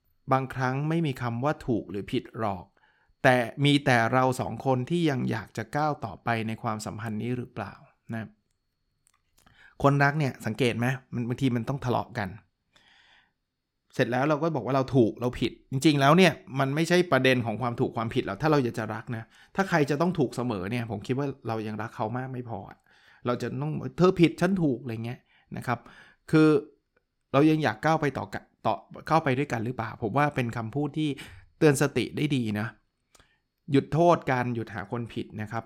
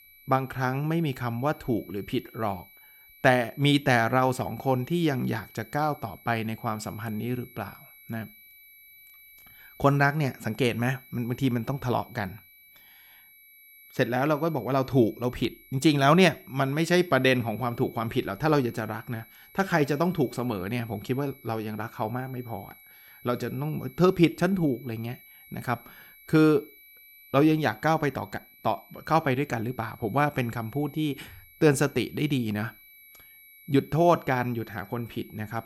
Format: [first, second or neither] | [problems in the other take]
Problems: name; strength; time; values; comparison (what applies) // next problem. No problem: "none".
first | high-pitched whine; faint; throughout; 2.5 kHz, 25 dB below the speech